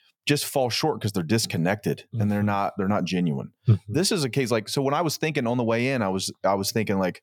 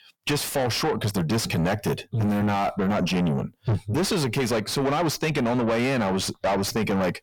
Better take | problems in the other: first | distortion; heavy; 6 dB below the speech

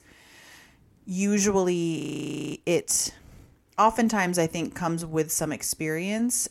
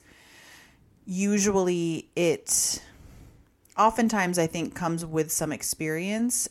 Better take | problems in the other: second | audio freezing; at 2 s for 0.5 s

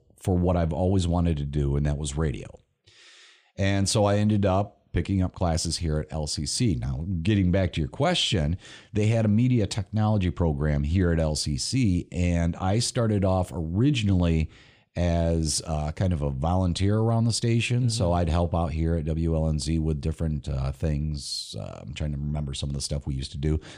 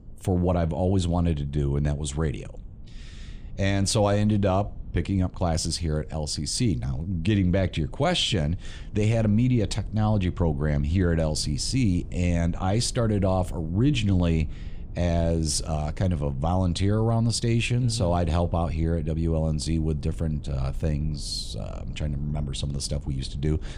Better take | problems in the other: first | low rumble; faint; throughout; 25 dB below the speech

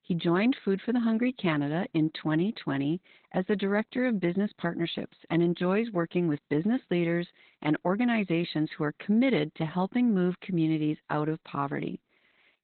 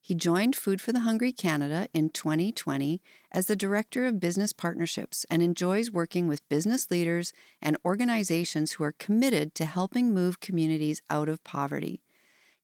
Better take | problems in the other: second | garbled, watery; badly; nothing above 4 kHz; slightly in the second

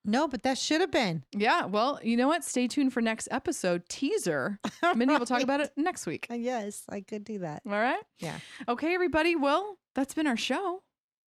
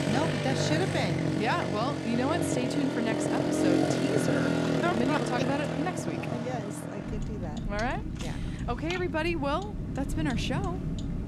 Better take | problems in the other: first | traffic noise; very loud; throughout; 2 dB above the speech

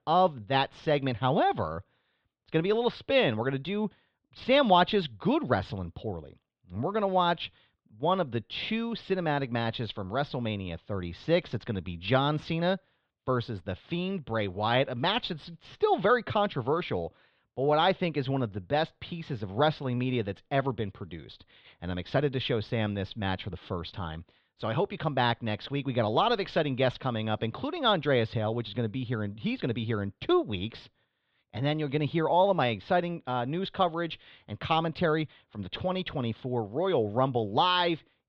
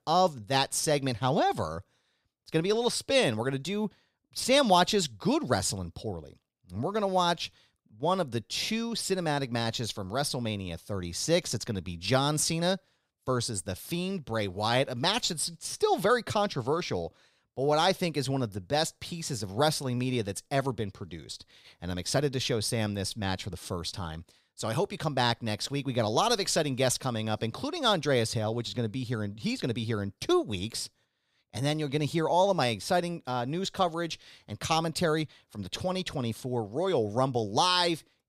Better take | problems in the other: second | muffled; very; fading above 3.5 kHz

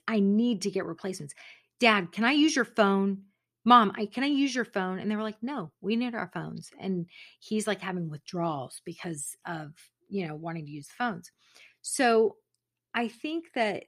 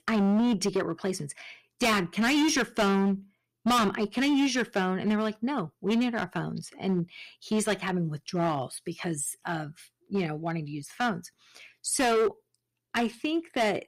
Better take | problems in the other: first | distortion; heavy; 11% of the sound clipped

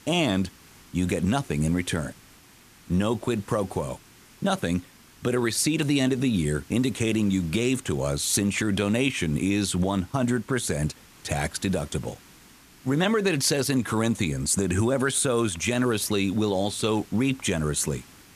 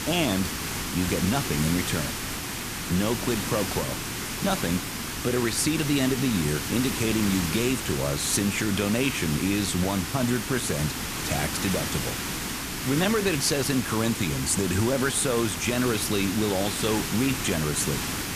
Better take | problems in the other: first | hiss; loud; throughout; 3 dB below the speech; faint in the first

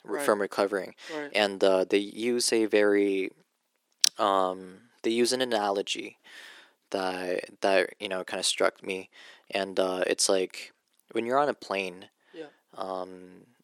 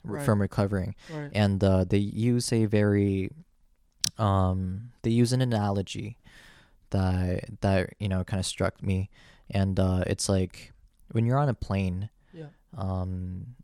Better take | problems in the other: second | thin; very; fading below 350 Hz

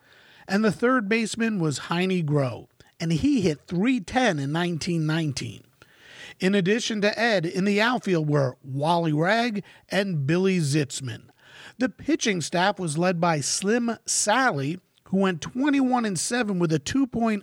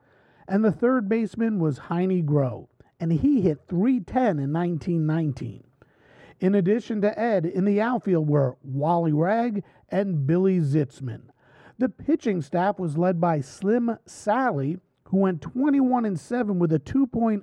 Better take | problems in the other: first | muffled; very; fading above 2 kHz

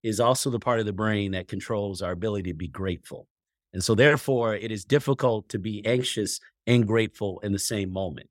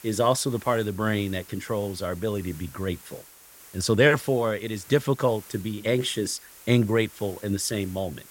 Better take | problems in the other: first | hiss; noticeable; throughout; 20 dB below the speech

